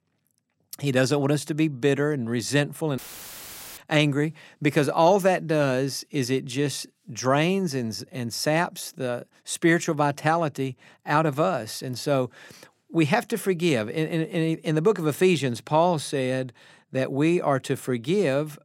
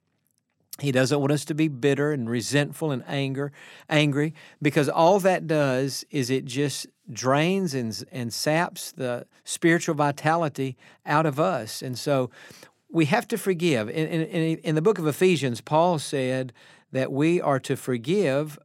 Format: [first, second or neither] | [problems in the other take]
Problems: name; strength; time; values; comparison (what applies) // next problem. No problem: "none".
second | audio cutting out; filled with static; at 3 s for 1 s